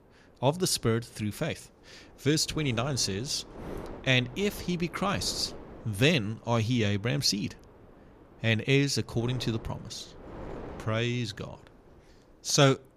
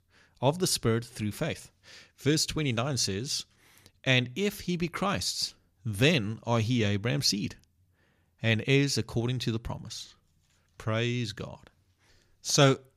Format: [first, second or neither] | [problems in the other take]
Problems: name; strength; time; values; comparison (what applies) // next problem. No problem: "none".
second | wind noise on the microphone; occasional gusts; 20 dB below the speech